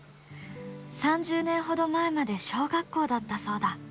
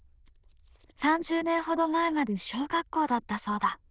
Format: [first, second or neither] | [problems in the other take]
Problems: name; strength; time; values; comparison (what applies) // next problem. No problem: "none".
first | noise reduction (neural diffusion model UNIVERSE++)